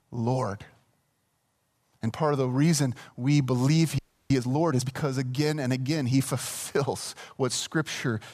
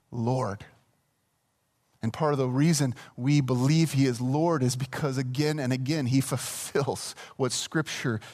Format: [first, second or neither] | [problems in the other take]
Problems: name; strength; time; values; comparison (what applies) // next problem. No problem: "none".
second | audio freezing; at 4 s